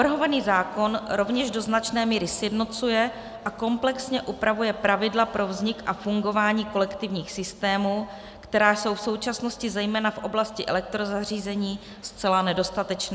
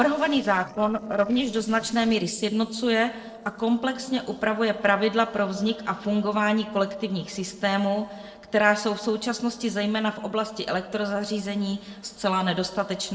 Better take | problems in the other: first | noise reduction (neural separator model SepFormer DNS4)

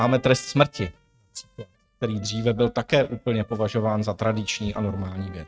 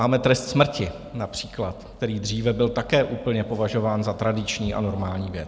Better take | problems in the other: second | noise reduction (neural mask model RNNoise)

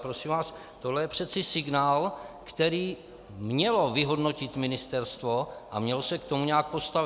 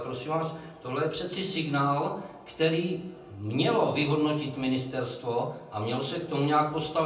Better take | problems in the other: first | room echo; dies away in 0.6 s

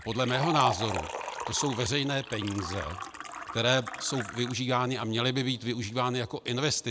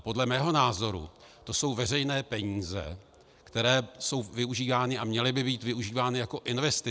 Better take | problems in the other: second | background sound (Liquid); 9 dB below the speech

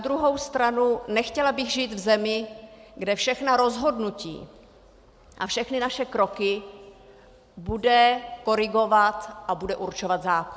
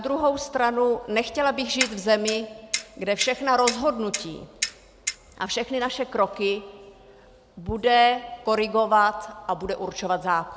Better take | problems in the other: first | background sound (Clock); 8 dB below the speech

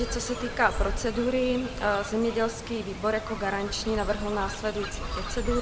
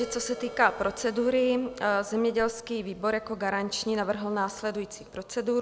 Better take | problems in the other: second | background sound (Fowl); 5 dB below the speech // room echo; dies away in 0.6 s

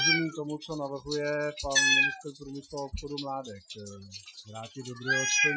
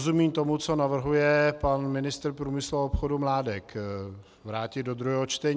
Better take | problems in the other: second | noise reduction (classical method Wiener filter)

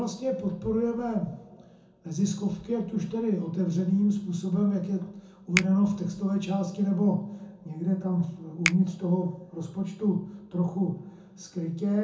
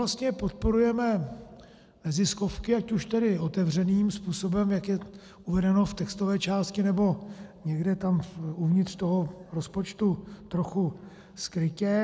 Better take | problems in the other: second | background sound (Finger snapping); 9 dB below the speech // room echo; dies away in 0.6 s

